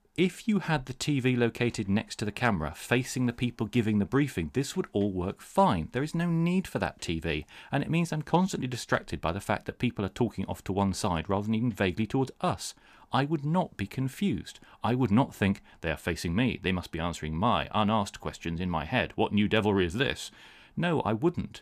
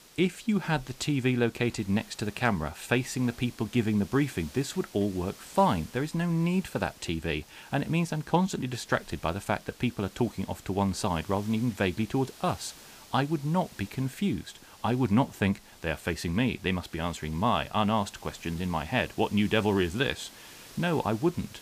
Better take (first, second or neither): first